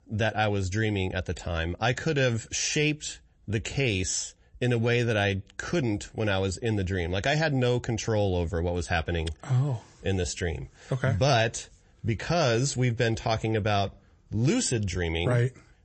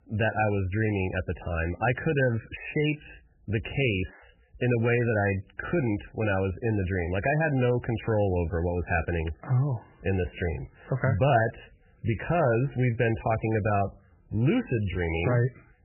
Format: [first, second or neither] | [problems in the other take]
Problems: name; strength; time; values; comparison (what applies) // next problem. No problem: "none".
first | garbled, watery; badly; nothing above 3 kHz; slightly in the first